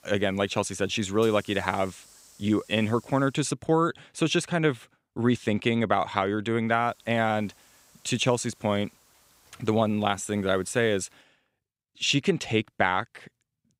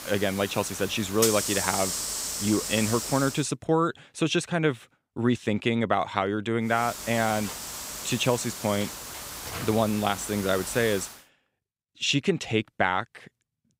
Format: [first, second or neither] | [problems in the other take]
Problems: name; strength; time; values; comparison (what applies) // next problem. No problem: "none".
first | hiss; loud; until 3.5 s and from 7 to 11 s; 5 dB below the speech; faint in the first